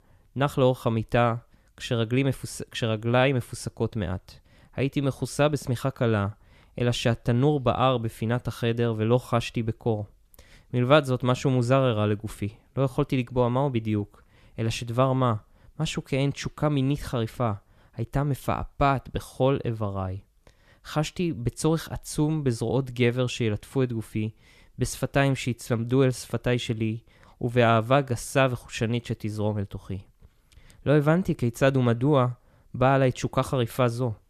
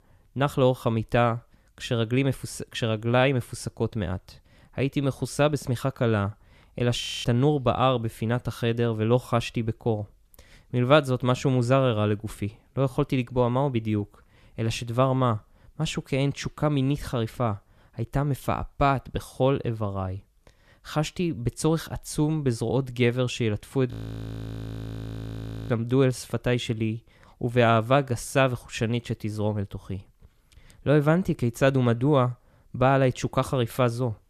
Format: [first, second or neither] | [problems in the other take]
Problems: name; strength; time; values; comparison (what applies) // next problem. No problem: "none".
first | audio freezing; at 7 s and at 24 s for 2 s